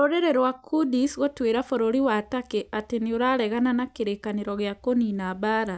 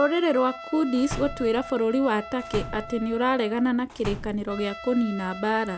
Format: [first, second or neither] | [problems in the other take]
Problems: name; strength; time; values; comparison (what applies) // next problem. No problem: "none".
first | background sound (Trumpet + Slam); 12 dB below the speech